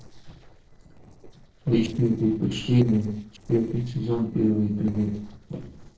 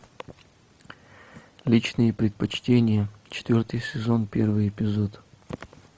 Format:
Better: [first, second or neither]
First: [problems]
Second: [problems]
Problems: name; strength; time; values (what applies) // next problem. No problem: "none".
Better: second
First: noise reduction (neural separator model SepFormer DNS4)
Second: none